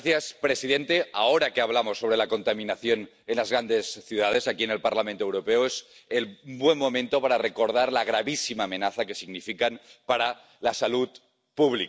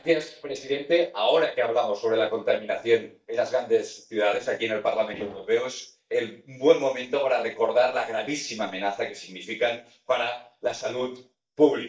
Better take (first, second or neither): first